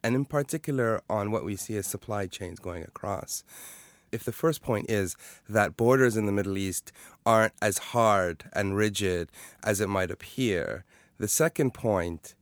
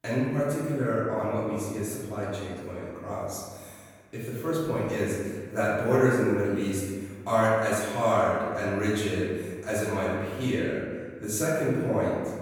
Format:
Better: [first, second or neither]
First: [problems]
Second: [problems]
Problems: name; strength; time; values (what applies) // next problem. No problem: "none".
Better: first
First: none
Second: room echo; strong; dies away in 1.6 s // off-mic speech; far